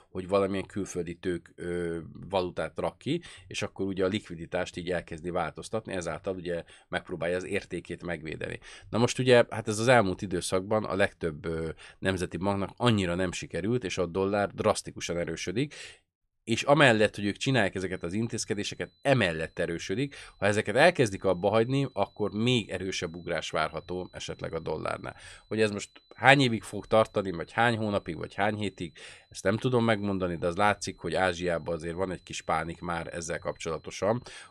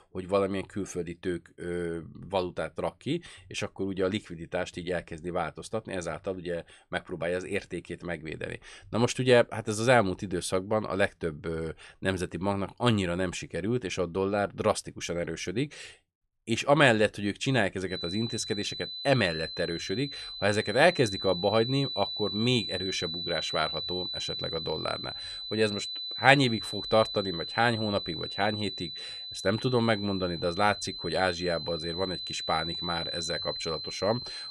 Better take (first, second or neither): first